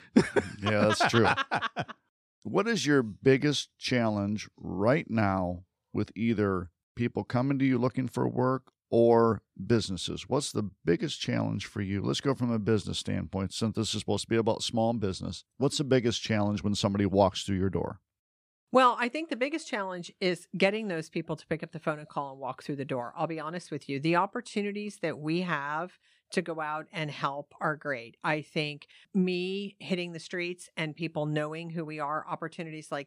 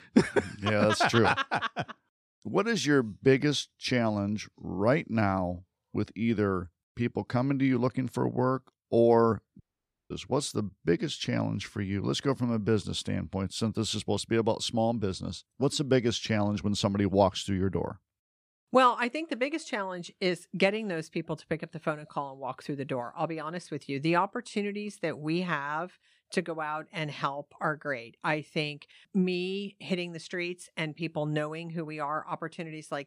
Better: first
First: none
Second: audio cutting out; at 9.5 s for 0.5 s

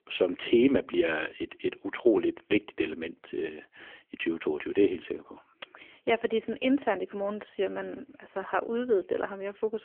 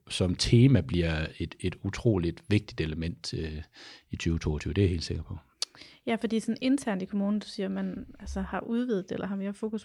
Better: second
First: phone-call audio; poor line; nothing above 3.5 kHz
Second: none

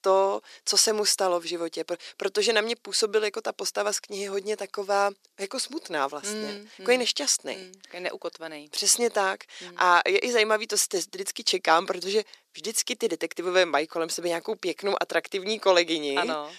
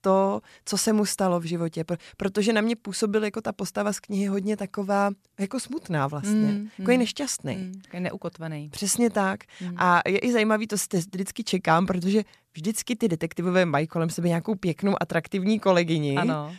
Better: second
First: thin; very; fading below 350 Hz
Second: none

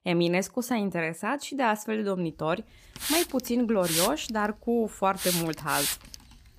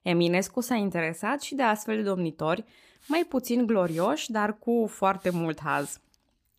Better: second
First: hiss; loud; from 2.5 s on; 1 dB below the speech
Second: hiss; faint; from 2.5 s on; 25 dB below the speech

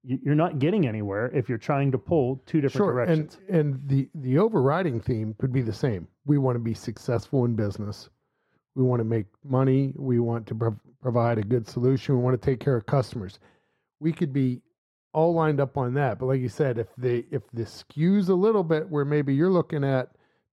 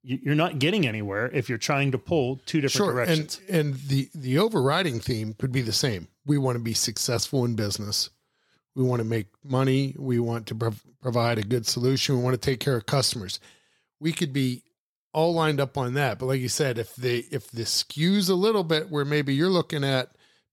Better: second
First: muffled; very; fading above 2.5 kHz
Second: none

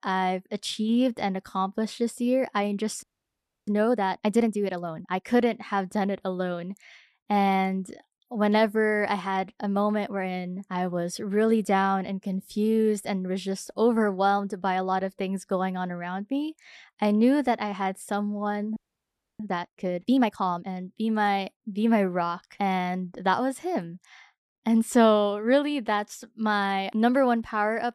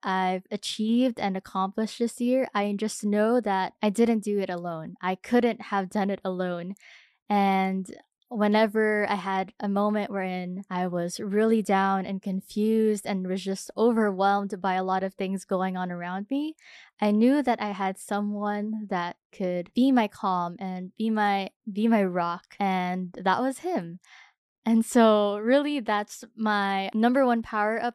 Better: second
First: audio freezing; at 3 s for 0.5 s and at 19 s for 0.5 s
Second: none

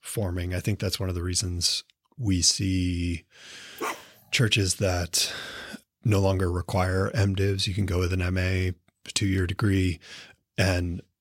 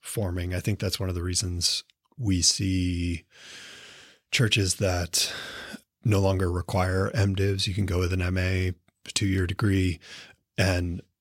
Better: second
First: dog barking; noticeable; at 4 s; peak 8 dB below the speech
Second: none

